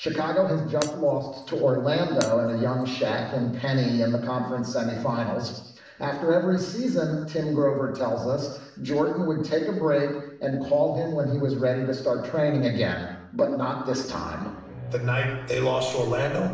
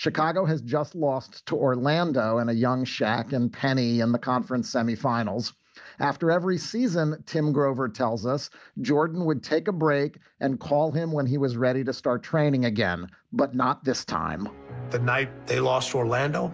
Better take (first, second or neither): second